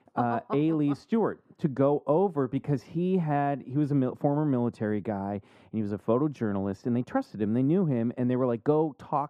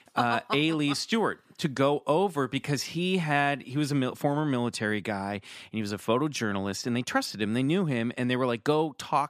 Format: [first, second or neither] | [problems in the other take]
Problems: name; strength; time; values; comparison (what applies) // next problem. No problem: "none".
second | muffled; very; fading above 1.5 kHz